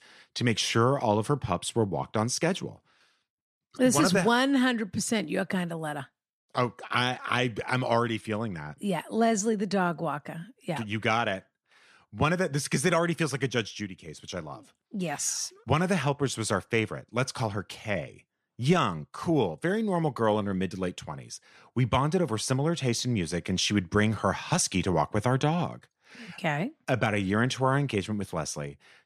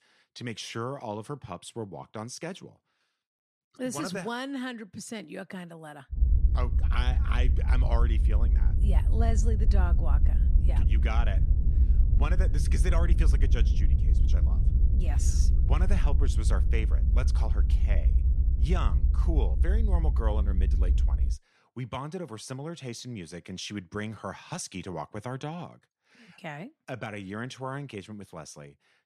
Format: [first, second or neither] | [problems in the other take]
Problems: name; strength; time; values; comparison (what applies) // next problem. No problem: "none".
first | low rumble; loud; from 6 to 21 s; 7 dB below the speech